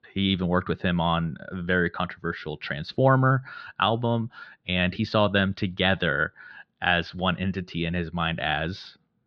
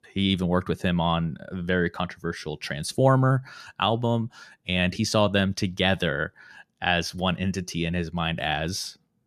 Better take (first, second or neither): second